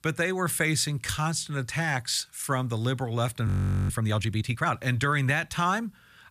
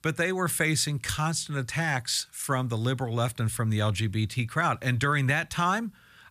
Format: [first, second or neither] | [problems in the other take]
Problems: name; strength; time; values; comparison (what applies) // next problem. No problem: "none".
second | audio freezing; at 3.5 s